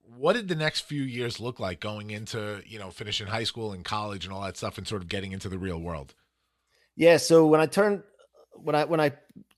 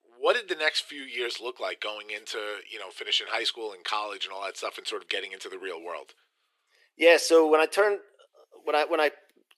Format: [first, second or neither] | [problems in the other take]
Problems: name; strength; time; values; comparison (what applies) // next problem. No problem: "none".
first | thin; very; fading below 350 Hz